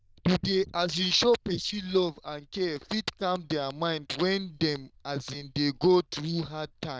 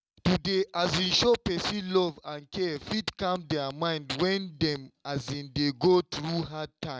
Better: second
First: noise reduction (neural diffusion model UNIVERSE++)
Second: none

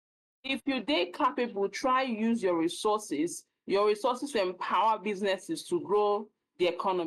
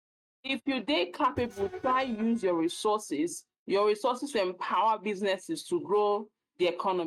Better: first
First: none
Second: noise reduction (neural mask model RNNoise)

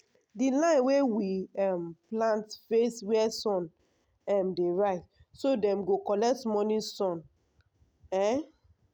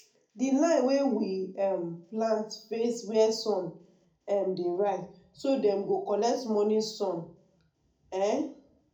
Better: first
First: none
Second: room echo; dies away in 0.3 s

